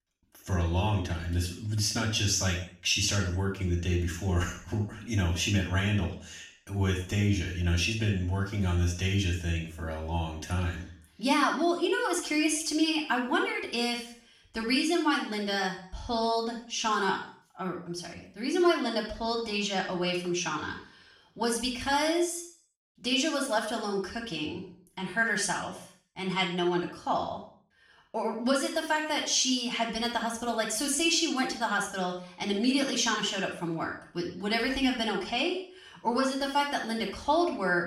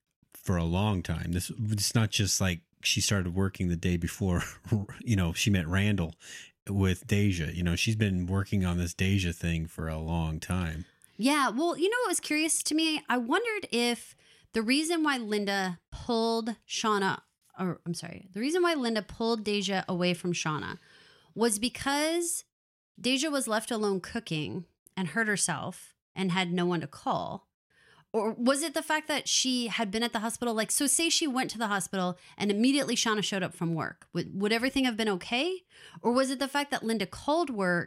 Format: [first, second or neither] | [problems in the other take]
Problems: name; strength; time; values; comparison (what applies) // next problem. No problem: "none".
second | room echo; noticeable; dies away in 0.5 s // off-mic speech; far